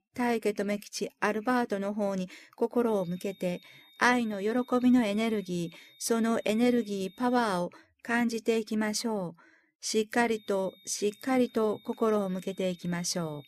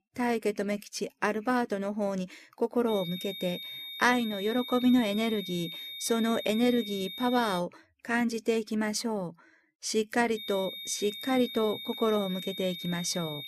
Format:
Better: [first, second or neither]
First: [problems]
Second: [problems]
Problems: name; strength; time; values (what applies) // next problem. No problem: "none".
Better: first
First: high-pitched whine; faint; from 3 to 7.5 s and from 10 s on; 3.5 kHz, 25 dB below the speech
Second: high-pitched whine; loud; from 3 to 7.5 s and from 10 s on; 3.5 kHz, 9 dB below the speech